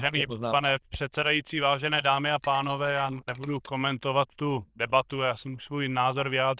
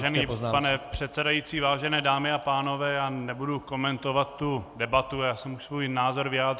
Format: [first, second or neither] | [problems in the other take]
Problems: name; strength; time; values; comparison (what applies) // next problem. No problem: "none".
second | noise reduction (neural diffusion model UNIVERSE++)